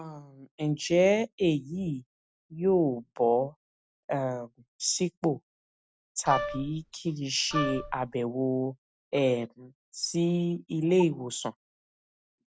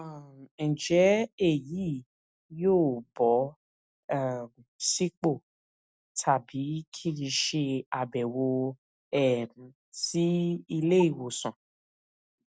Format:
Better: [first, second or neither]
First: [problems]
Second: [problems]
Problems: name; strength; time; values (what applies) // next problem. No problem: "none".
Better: second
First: background sound (Wind instrument, woodwind instrument); 5 dB below the speech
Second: none